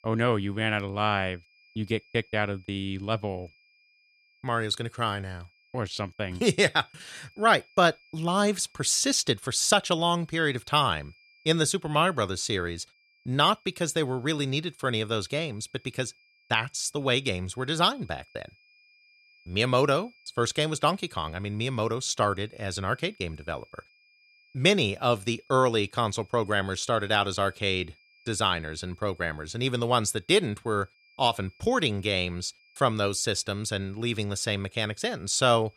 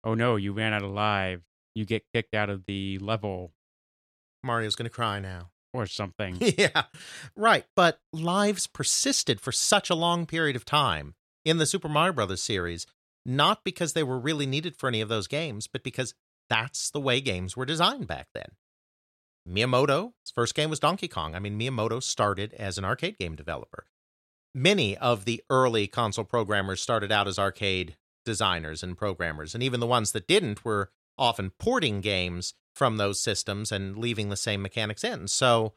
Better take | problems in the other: second | high-pitched whine; faint; throughout; 2.5 kHz, 30 dB below the speech

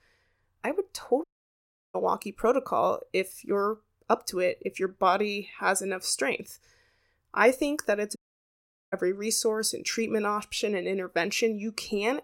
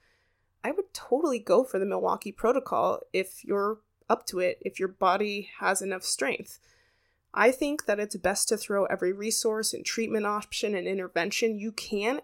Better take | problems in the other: second | audio cutting out; at 1 s for 0.5 s and at 8 s for 1 s

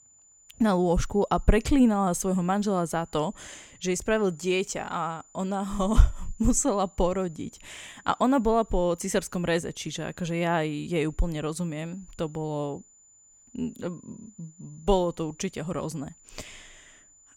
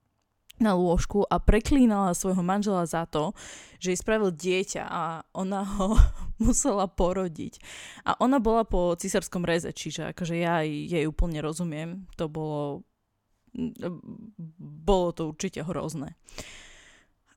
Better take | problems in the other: second | high-pitched whine; faint; throughout; 7 kHz, 25 dB below the speech

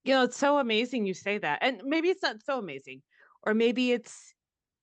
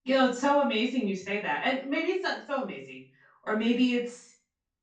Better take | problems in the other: first | off-mic speech; far // room echo; slight; dies away in 0.3 s

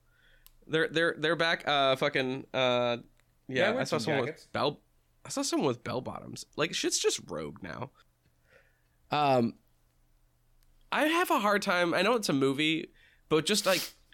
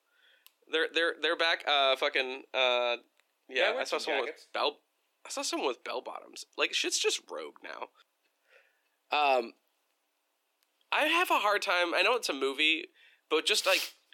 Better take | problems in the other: first | thin; somewhat; fading below 350 Hz

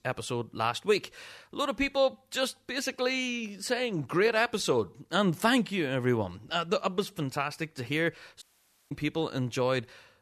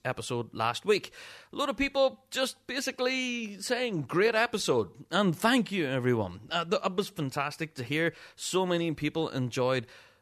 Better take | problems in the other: second | audio cutting out; at 8.5 s

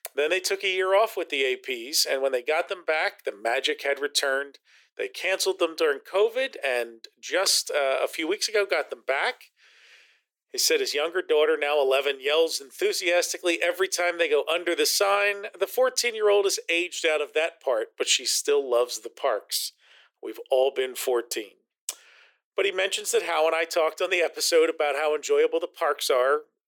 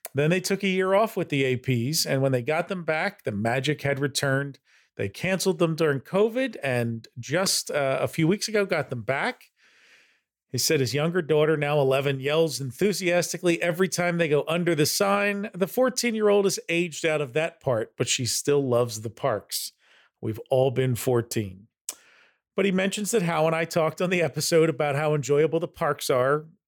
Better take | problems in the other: second | thin; very; fading below 350 Hz

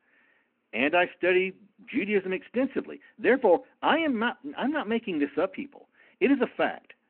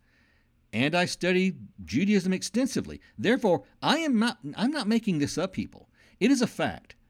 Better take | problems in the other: second | phone-call audio

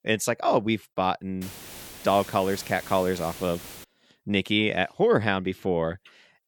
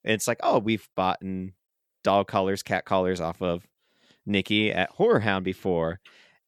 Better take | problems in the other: second | hiss; noticeable; from 1.5 to 4 s; 15 dB below the speech

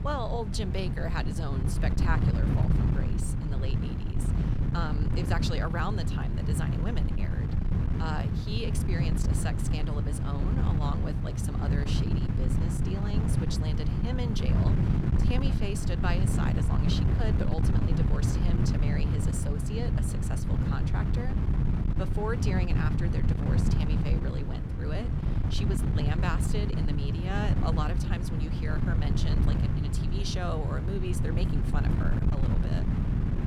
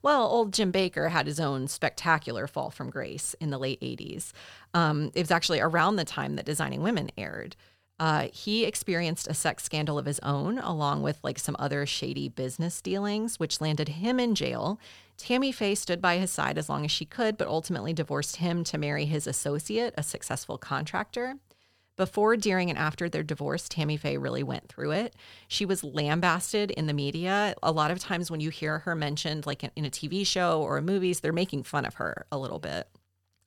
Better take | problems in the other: second | wind noise on the microphone; heavy; 1 dB below the speech

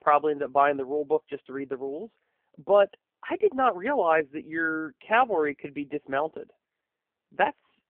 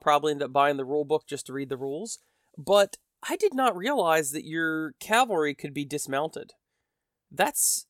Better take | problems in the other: second | phone-call audio; poor line

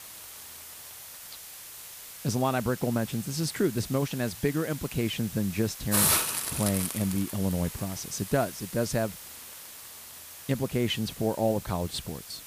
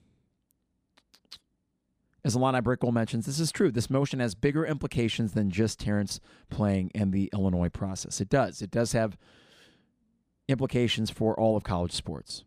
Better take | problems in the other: second | hiss; loud; throughout; 4 dB below the speech

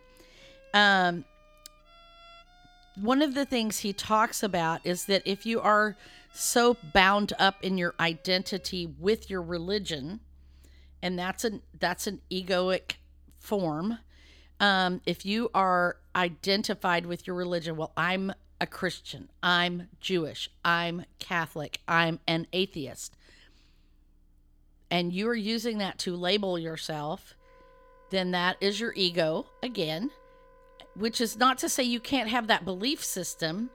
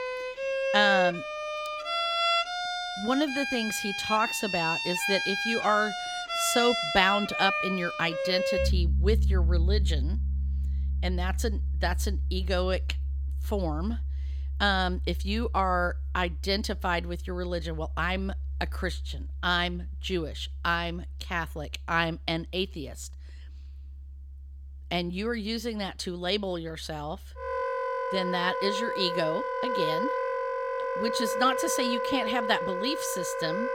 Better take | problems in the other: first | background music; loud; throughout; 1 dB below the speech; faint in the first

